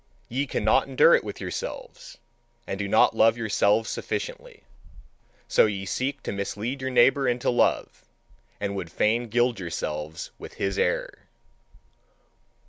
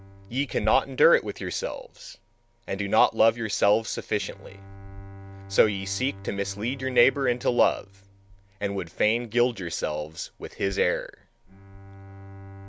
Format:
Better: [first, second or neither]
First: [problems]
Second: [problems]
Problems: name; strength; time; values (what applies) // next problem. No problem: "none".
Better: first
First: none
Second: background sound (Bowed string instrument); 19 dB below the speech